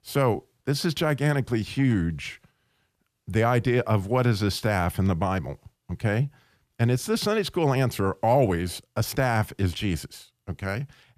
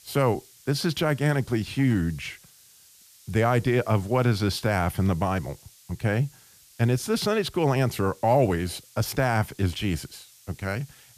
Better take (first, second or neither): first